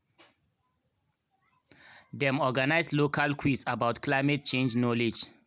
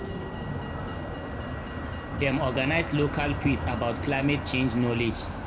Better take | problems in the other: first | background sound (Motor vehicle (road)); 4 dB below the speech // room echo; dies away in 1.1 s

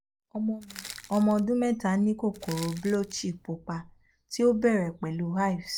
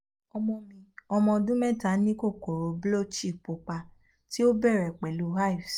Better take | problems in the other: second | background sound (Crushing); 17 dB below the speech

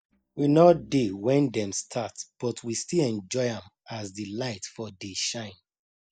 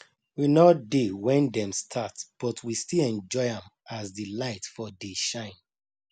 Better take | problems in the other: second | noise reduction (neural mask model DeepFilterNet 3)

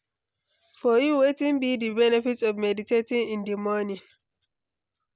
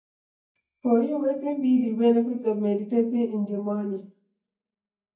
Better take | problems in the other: first | noise reduction (neural mask model DeepFilterNet 3)

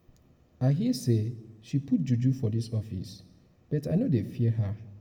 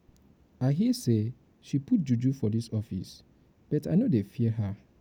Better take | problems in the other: second | room echo; dies away in 0.8 s

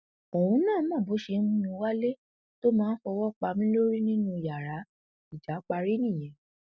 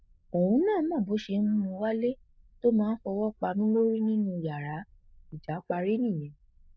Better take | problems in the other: first | noise reduction (neural mask model Resemble Enhance denoiser)

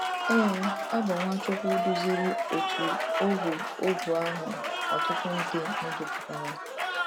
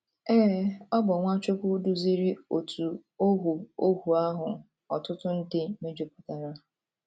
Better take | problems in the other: second | background sound (Applause); as loud as the speech

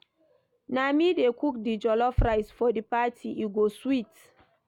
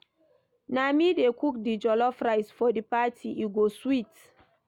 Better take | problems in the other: second | background sound (Bass drum); 7 dB below the speech

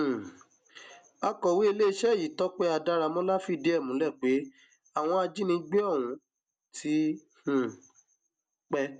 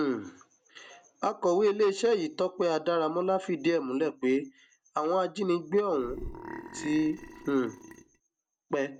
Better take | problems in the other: first | background sound (Burping, eructation); 13 dB below the speech

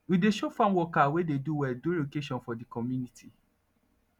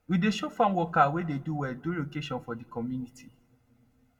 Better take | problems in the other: first | room echo; dies away in 0.6 s

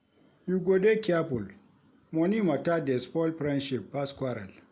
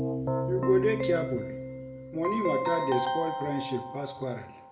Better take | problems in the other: first | background sound (Keyboard (musical)); 1 dB below the speech // room echo; dies away in 0.7 s

